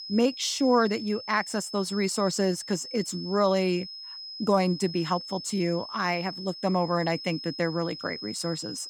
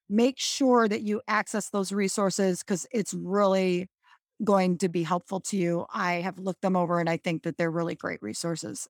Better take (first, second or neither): second